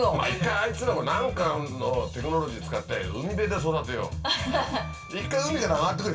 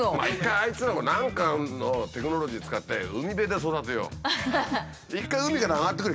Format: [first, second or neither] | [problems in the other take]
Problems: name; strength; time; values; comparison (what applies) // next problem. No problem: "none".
second | background sound (Bowed string instrument); 18 dB below the speech // room echo; dies away in 0.2 s